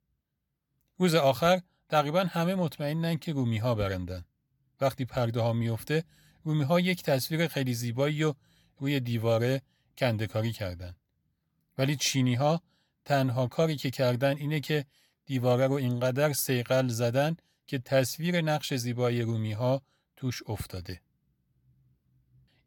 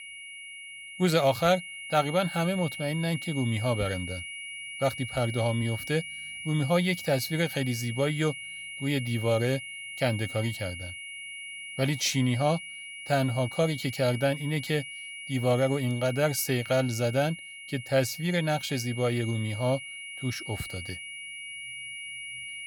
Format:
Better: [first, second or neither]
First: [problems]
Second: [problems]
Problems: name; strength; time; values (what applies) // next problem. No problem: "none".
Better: first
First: none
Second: high-pitched whine; loud; throughout; 2 kHz, 9 dB below the speech